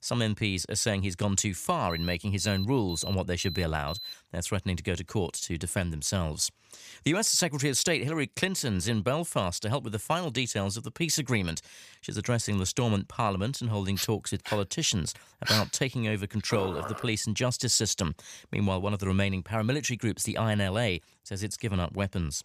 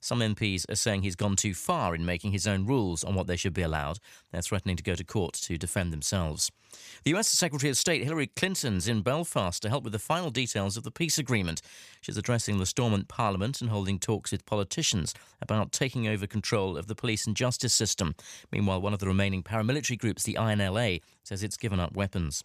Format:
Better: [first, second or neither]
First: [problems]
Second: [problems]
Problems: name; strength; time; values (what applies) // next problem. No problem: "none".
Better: second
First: alarm; noticeable; from 2 to 4 s; peak 9 dB below the speech // dog barking; loud; from 14 to 17 s; peak 1 dB above the speech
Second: none